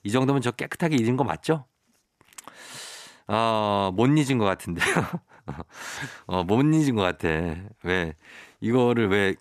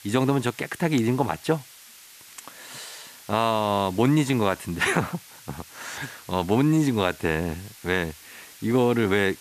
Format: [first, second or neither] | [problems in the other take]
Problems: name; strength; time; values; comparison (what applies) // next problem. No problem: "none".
first | hiss; faint; throughout; 20 dB below the speech